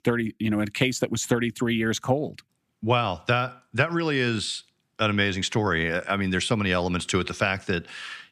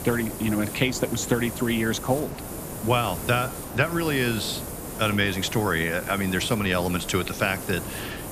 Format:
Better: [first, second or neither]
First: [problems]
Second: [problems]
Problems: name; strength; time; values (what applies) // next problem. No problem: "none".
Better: first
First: none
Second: hiss; loud; throughout; 8 dB below the speech